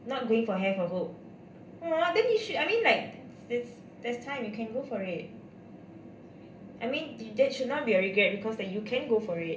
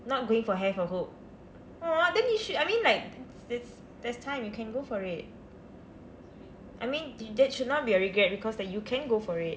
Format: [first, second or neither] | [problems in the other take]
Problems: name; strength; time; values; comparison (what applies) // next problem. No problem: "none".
second | room echo; dies away in 0.3 s